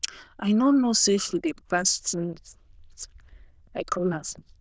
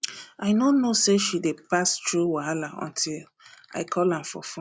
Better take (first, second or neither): second